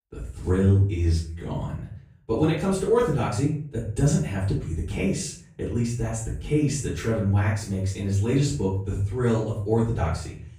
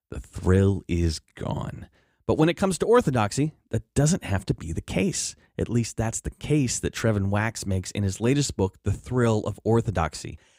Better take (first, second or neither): second